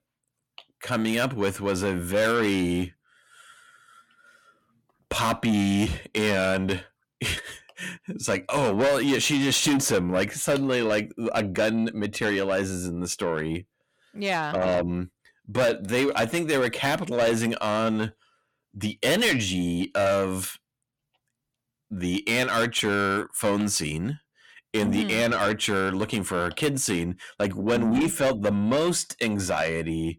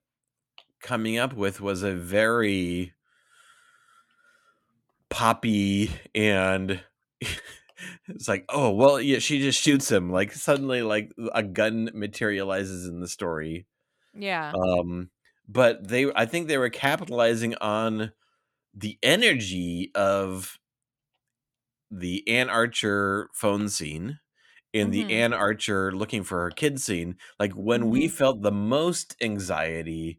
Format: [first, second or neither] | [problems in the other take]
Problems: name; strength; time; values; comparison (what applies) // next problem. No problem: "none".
second | distortion; heavy; 7 dB below the speech